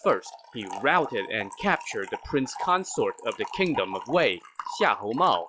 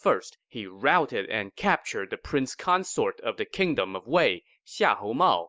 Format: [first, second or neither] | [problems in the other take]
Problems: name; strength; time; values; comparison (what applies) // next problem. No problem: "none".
second | noise reduction (classical method log-MMSE)